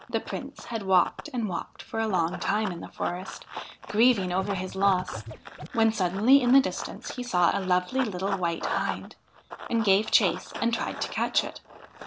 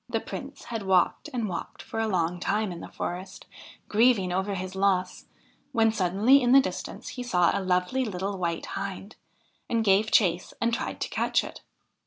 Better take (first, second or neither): second